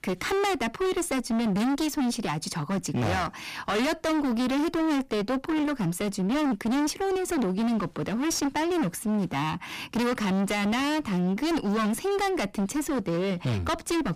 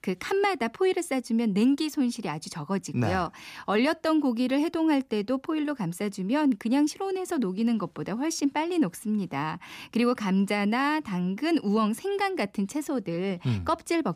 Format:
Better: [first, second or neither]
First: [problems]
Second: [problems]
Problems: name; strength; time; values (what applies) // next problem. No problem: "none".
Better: second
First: distortion; heavy; 35% of the sound clipped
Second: none